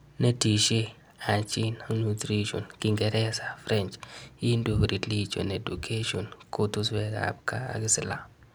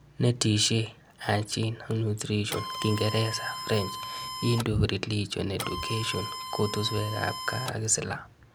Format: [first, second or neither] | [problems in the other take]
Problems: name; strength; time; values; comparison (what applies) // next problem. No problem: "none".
first | background sound (Printer); 7 dB below the speech